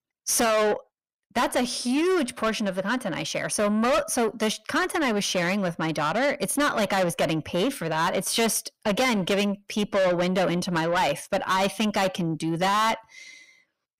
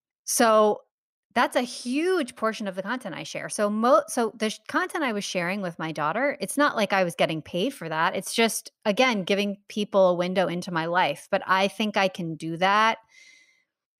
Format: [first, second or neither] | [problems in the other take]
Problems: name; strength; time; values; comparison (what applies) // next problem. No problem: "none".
second | distortion; heavy; 6 dB below the speech